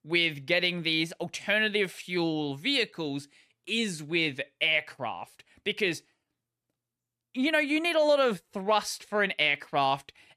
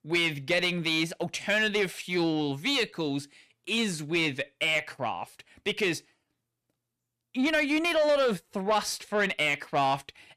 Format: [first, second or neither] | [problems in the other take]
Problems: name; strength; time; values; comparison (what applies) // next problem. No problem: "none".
first | distortion; slight; 10 dB below the speech